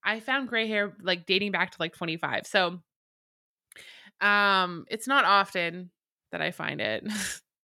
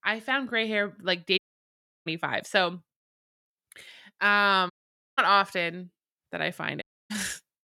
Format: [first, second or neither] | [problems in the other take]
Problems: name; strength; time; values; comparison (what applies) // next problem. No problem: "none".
first | audio cutting out; at 1.5 s for 0.5 s, at 4.5 s and at 7 s